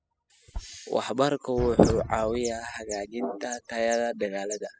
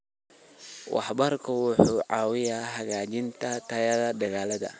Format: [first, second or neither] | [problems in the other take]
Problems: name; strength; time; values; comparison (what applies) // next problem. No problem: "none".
second | noise reduction (classical method spectral subtraction)